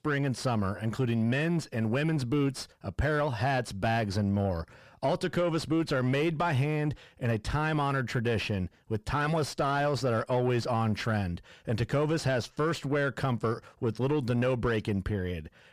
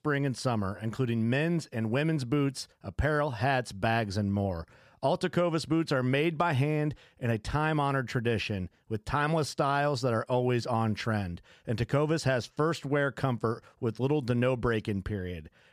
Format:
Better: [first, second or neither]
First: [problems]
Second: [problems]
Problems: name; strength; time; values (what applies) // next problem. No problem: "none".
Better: second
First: distortion; slight; 10 dB below the speech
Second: none